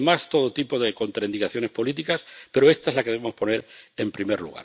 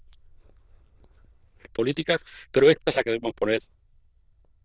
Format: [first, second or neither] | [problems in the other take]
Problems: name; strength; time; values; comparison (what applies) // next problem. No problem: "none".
first | noise reduction (neural diffusion model UNIVERSE++)